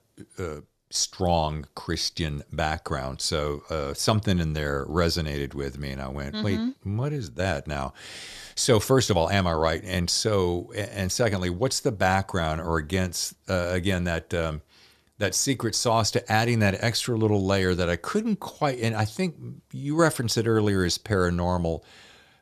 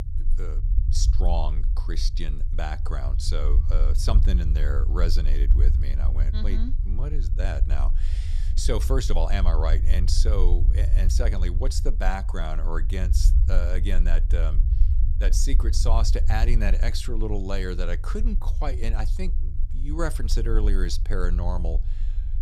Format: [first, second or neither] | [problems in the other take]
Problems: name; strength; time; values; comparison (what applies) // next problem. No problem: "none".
first | low rumble; noticeable; throughout; 10 dB below the speech